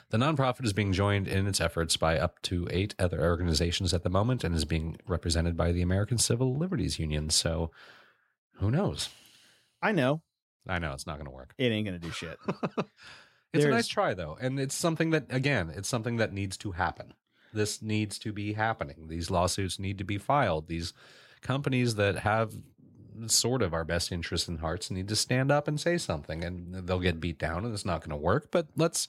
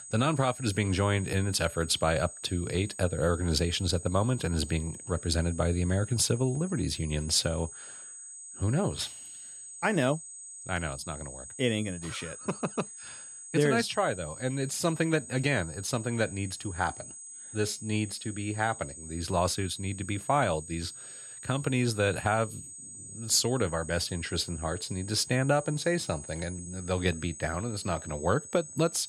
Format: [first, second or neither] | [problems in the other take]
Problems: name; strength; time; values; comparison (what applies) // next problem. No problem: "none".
first | high-pitched whine; noticeable; throughout; 8 kHz, 10 dB below the speech